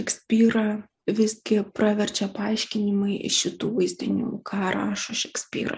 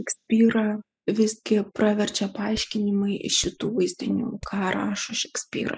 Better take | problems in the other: first | noise reduction (classical method spectral subtraction)

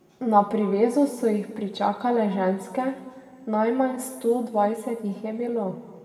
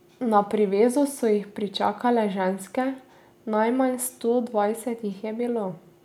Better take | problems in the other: second | room echo; dies away in 1.5 s

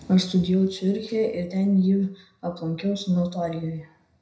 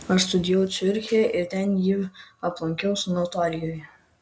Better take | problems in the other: second | room echo; dies away in 0.4 s

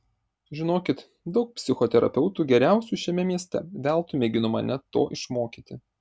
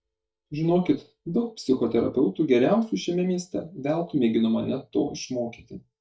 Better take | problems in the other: first | noise reduction (neural mask model DeepFilterNet 3)

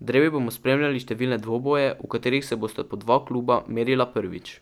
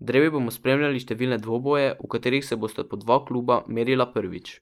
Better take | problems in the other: first | noise reduction (neural mask model Resemble Enhance denoiser)

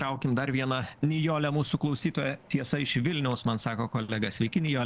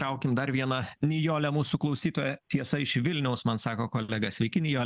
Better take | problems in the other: second | noise reduction (neural separator model SepFormer DNS4)

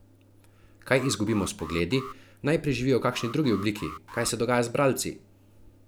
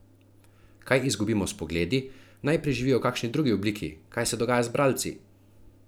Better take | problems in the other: second | background sound (Alarm); 16 dB below the speech

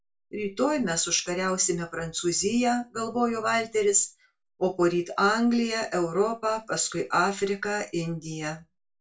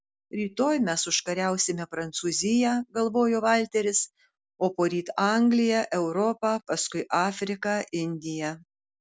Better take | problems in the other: second | room echo; dies away in 0.2 s

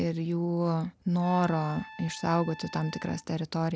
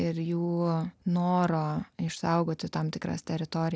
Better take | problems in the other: second | background sound (Trumpet); 18 dB below the speech

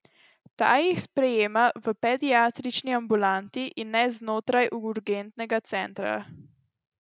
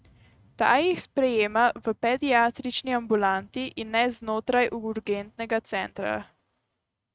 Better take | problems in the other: first | noise reduction (neural mask model RNNoise)

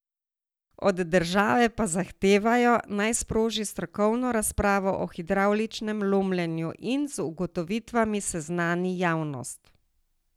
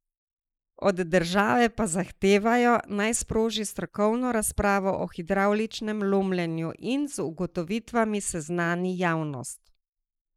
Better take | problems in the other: first | noise reduction (neural mask model Resemble Enhance denoiser)

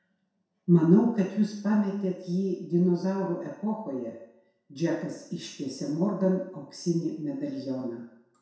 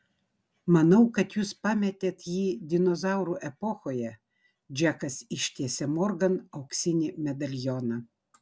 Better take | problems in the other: second | room echo; dies away in 0.7 s

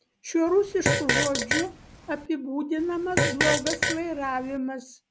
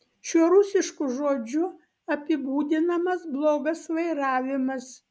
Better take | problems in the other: second | background sound (Fart); as loud as the speech

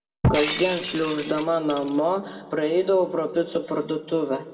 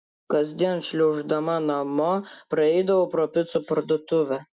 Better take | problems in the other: second | background sound (Shatter); 7 dB below the speech // room echo; dies away in 1.7 s

